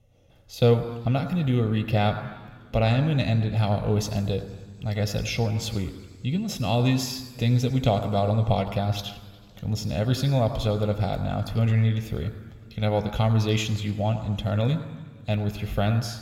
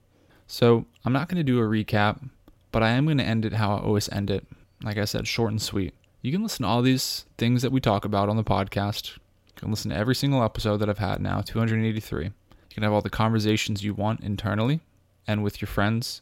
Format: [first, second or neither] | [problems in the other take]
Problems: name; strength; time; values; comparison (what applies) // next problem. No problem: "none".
second | room echo; slight; dies away in 2 s